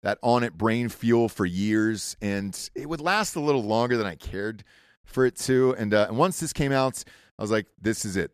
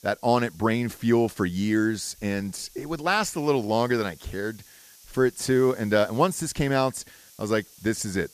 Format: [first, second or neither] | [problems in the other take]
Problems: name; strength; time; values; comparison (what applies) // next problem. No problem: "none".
first | hiss; faint; throughout; 25 dB below the speech